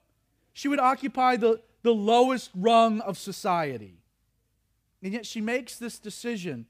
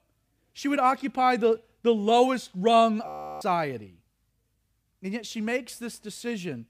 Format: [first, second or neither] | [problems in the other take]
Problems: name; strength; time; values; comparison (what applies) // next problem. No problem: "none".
first | audio freezing; at 3 s